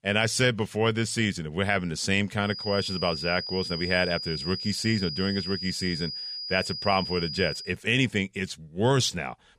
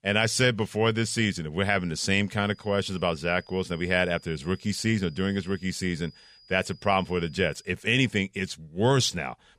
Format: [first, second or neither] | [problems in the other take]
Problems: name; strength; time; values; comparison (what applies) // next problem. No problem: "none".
second | high-pitched whine; loud; from 2.5 to 7.5 s; 5 kHz, 6 dB below the speech; faint in the second